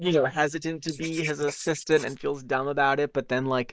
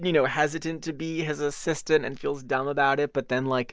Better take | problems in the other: second | noise reduction (neural mask model Resemble Enhance denoiser)

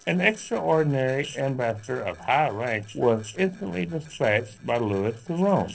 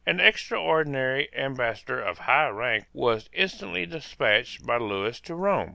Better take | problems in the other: second | noise reduction (neural separator model SepFormer DNS4)

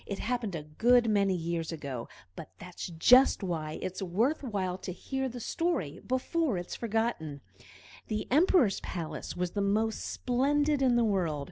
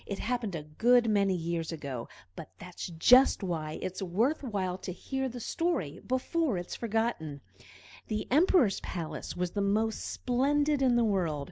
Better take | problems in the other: second | background sound (Bass drum); 14 dB below the speech

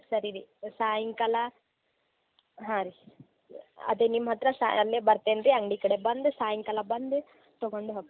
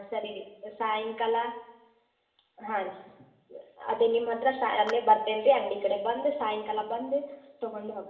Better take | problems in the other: first | background sound (Clapping); 17 dB below the speech // room echo; dies away in 0.8 s

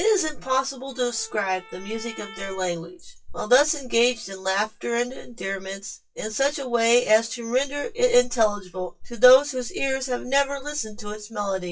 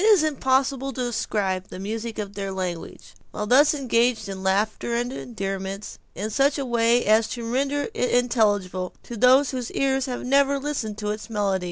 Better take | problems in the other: second | noise reduction (classical method WPE with log-MMSE)

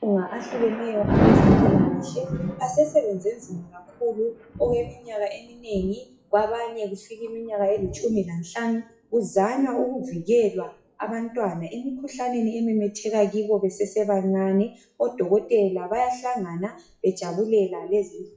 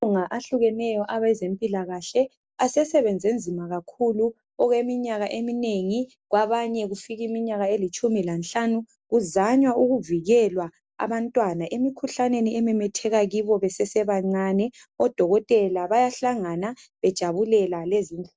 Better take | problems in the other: second | noise reduction (classical method WPE with log-MMSE)

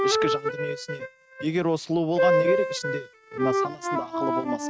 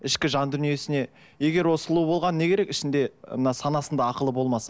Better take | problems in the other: second | noise reduction (neural mask model RNNoise)

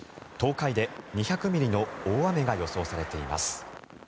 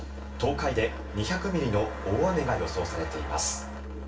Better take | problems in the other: first | background sound (Musical instrument); 9 dB below the speech // room echo; dies away in 0.3 s

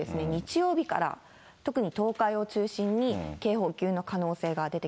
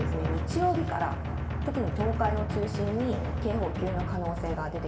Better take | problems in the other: first | background sound (Drum); as loud as the speech // room echo; dies away in 2 s

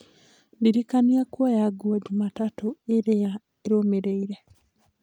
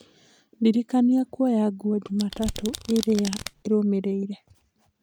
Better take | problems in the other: first | background sound (Domestic sounds, home sounds); 11 dB below the speech

